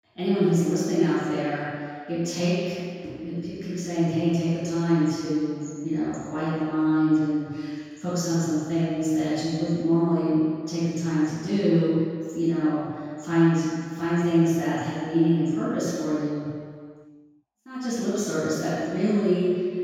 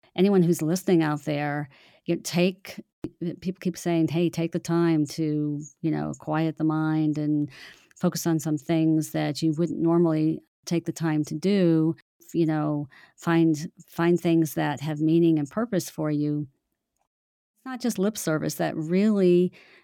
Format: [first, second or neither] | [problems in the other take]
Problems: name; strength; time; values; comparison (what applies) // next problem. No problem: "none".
second | room echo; strong; dies away in 1.9 s // off-mic speech; far